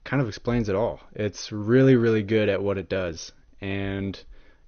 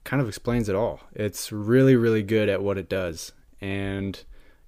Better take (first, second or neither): second